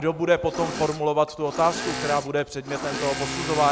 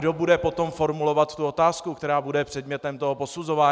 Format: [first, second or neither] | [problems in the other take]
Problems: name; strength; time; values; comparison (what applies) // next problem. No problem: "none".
second | background sound (Engine / Mechanisms); 8 dB below the speech